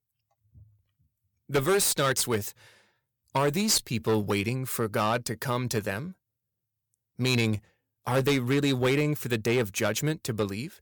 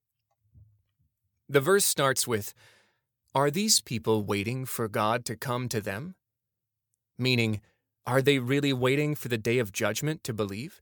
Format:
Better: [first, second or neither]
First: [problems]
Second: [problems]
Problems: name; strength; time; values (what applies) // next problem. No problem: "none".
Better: second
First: distortion; slight; 7% of the sound clipped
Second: none